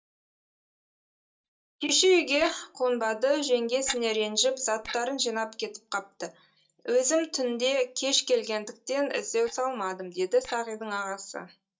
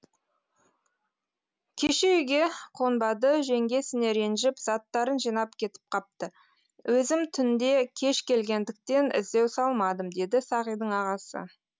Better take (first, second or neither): second